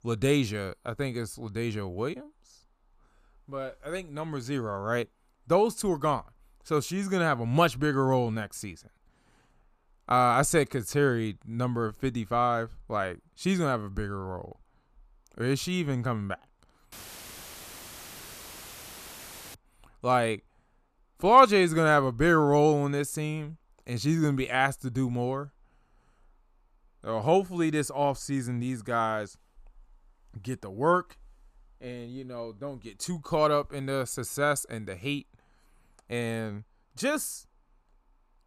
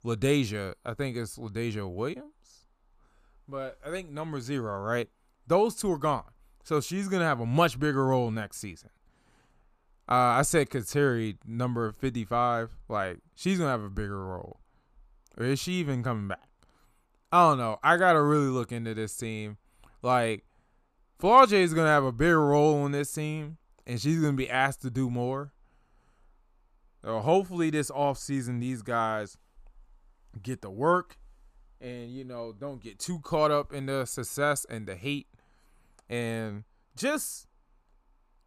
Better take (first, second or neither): second